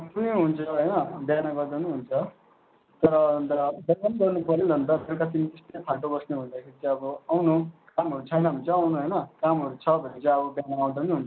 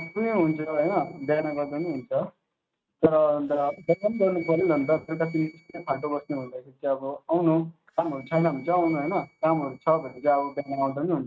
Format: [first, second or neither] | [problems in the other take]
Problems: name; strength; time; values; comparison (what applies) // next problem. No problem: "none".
first | noise reduction (neural mask model RNNoise)